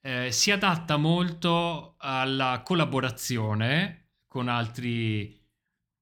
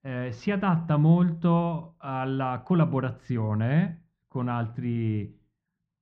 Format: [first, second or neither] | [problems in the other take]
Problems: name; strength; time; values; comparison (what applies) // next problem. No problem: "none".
first | muffled; very; fading above 1 kHz